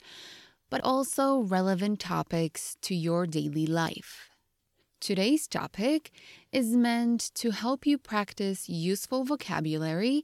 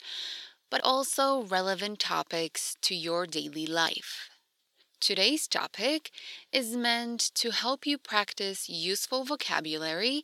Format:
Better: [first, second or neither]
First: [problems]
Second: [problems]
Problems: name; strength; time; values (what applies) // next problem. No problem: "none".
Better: first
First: none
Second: thin; somewhat; fading below 450 Hz